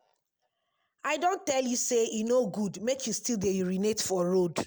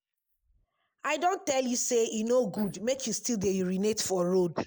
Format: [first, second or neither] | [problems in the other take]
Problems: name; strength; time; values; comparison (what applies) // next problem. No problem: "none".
first | noise reduction (neural mask model Resemble Enhance denoiser)